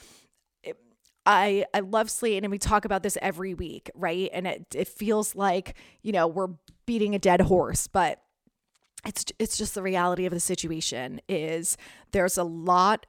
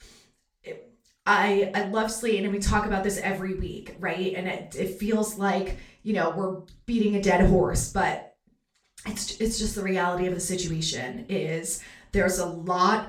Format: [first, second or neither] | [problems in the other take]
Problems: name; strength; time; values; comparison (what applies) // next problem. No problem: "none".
first | room echo; slight; dies away in 0.3 s // off-mic speech; far